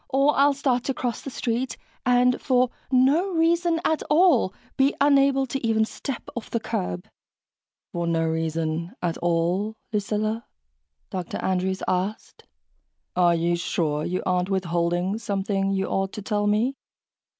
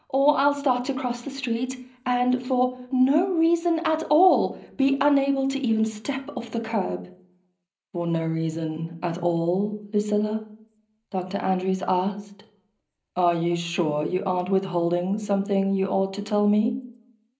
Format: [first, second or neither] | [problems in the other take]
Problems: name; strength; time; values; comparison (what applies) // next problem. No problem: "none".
first | room echo; dies away in 0.5 s